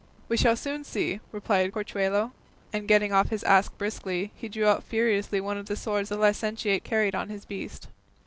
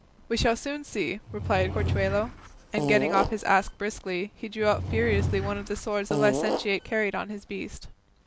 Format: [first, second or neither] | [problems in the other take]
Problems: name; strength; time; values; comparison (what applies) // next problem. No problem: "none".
first | background sound (Fart / Drawer open or close); 3 dB below the speech